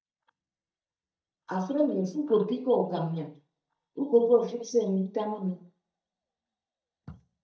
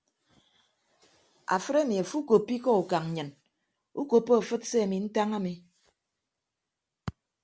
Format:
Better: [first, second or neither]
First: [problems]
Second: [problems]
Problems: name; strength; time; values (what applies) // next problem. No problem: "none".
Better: second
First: noise reduction (neural mask model DeepFilterNet 3)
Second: none